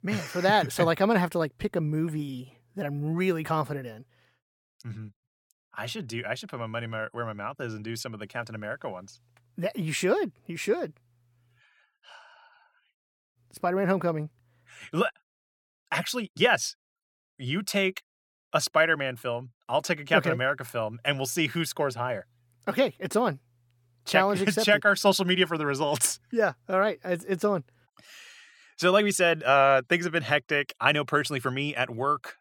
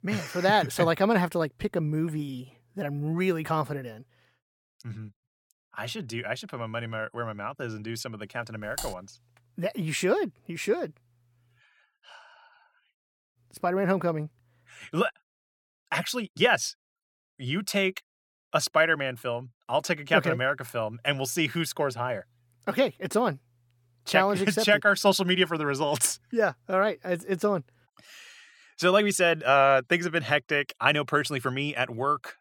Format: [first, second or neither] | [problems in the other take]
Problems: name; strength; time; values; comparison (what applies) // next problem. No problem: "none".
first | keyboard typing; noticeable; at 9 s; peak 10 dB below the speech